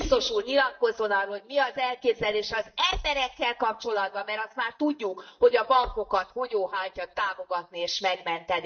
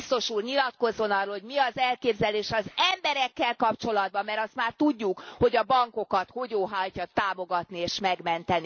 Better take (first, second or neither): second